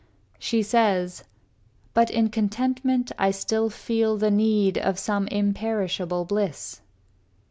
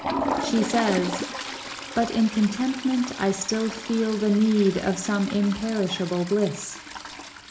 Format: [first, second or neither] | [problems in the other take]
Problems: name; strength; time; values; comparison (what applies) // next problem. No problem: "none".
first | background sound (Toilet flush); 8 dB below the speech // room echo; dies away in 0.4 s